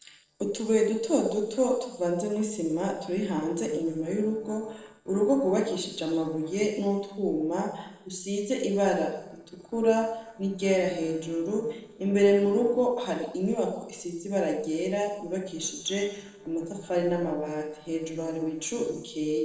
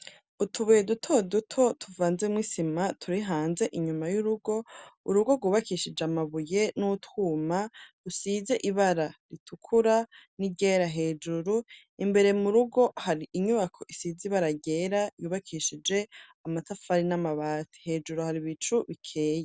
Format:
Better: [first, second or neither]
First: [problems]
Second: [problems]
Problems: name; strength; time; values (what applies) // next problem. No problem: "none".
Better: second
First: noise reduction (neural separator model SepFormer DNS4)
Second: none